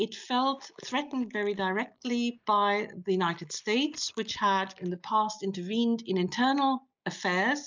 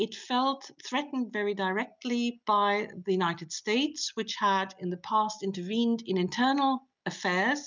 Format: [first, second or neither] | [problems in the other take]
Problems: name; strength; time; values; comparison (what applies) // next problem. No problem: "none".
second | noise reduction (neural mask model Resemble Enhance denoiser)